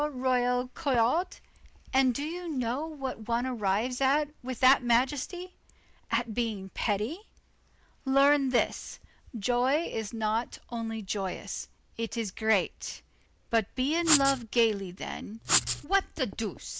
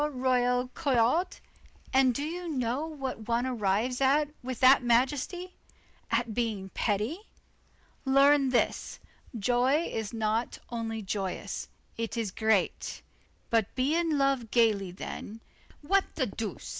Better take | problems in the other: second | background sound (Writing); as loud as the speech

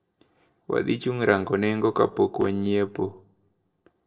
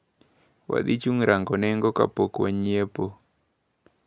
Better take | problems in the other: second | noise reduction (neural separator model SepFormer DNS4)

